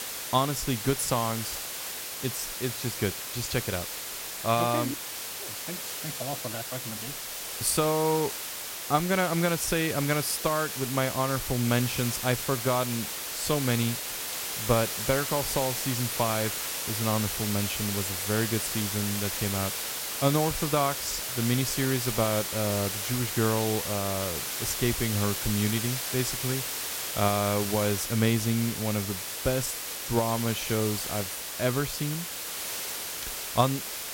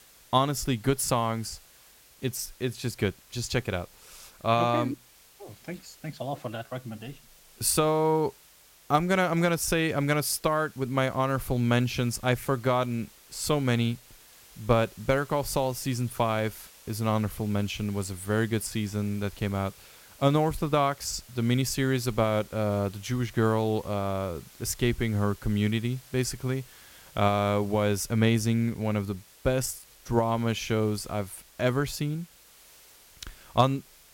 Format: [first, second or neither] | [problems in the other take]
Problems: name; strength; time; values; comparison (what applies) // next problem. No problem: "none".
second | hiss; loud; throughout; 3 dB below the speech; faint in the second